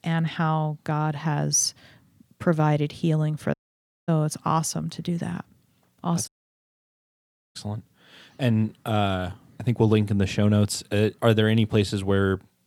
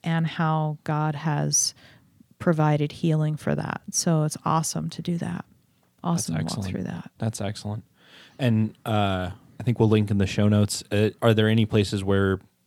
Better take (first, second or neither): second